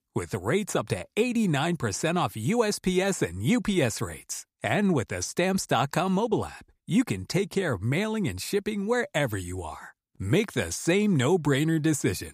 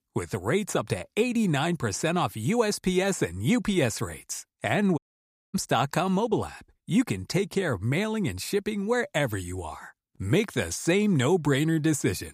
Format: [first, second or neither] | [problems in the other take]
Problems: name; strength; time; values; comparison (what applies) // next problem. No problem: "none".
first | audio cutting out; at 5 s for 0.5 s